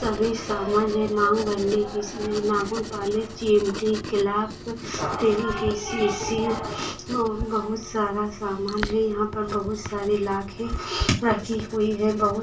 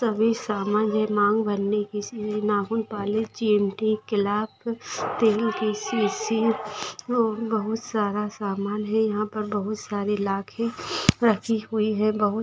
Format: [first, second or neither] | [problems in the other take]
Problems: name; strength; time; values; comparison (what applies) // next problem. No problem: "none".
second | background sound (Writing); 10 dB below the speech // room echo; dies away in 0.3 s